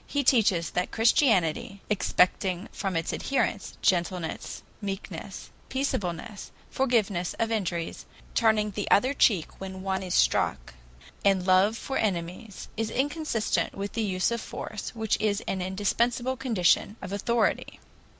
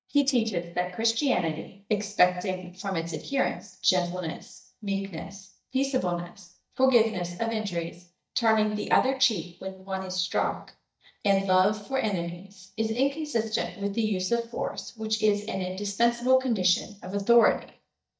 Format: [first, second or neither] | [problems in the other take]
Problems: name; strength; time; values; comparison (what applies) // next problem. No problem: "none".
first | noise reduction (neural mask model DeepFilterNet 3)